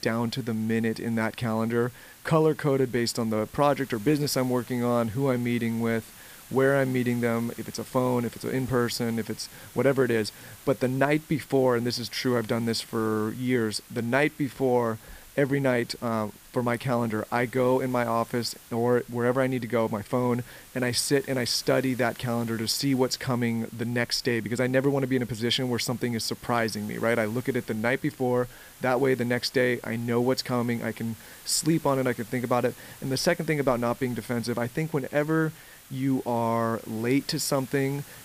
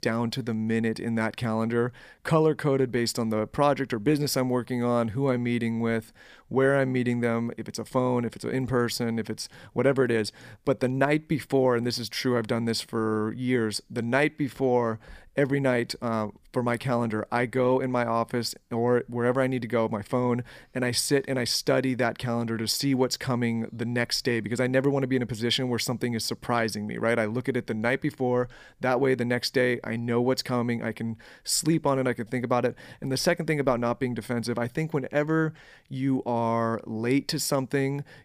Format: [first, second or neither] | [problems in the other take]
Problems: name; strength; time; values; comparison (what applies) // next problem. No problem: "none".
second | hiss; faint; throughout; 20 dB below the speech